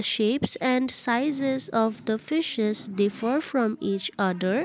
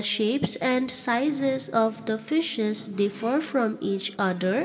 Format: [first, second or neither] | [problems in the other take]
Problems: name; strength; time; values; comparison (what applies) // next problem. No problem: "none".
first | room echo; dies away in 1.6 s